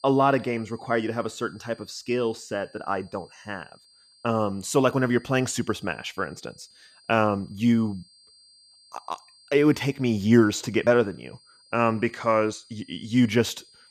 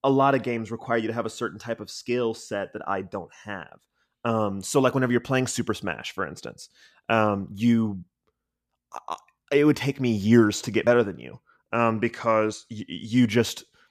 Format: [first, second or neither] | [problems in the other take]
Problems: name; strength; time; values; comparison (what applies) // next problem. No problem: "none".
second | high-pitched whine; faint; throughout; 4.5 kHz, 30 dB below the speech